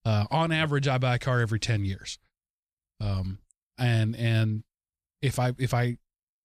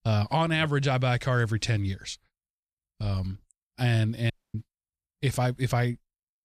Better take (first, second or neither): first